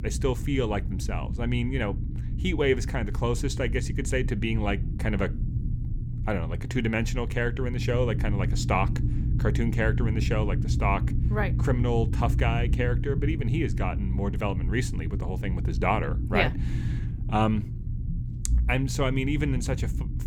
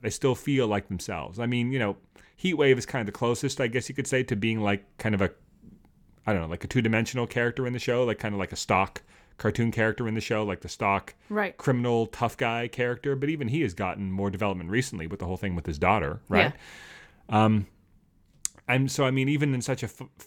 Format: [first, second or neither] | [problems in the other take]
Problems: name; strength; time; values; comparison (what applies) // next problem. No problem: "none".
second | low rumble; noticeable; throughout; 10 dB below the speech